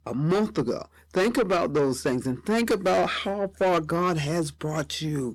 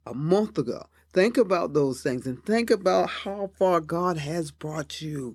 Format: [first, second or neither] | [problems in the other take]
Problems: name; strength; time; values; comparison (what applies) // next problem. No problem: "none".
second | distortion; heavy; 8 dB below the speech